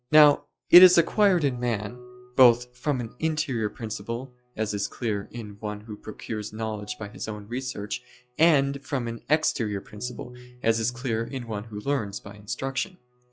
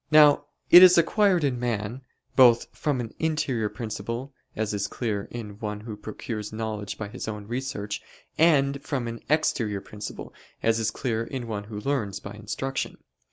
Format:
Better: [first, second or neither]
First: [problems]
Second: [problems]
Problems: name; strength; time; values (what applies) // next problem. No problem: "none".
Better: second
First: noise reduction (classical method log-MMSE)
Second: none